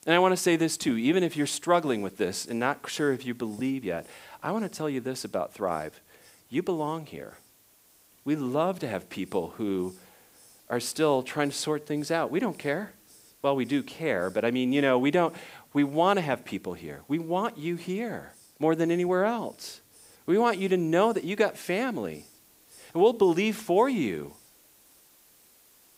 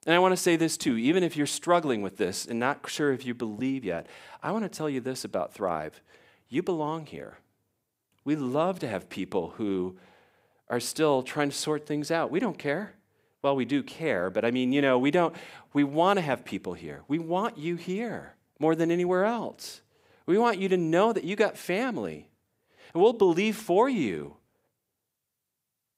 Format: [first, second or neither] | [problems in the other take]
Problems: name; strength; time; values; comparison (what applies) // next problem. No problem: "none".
second | hiss; faint; throughout; 25 dB below the speech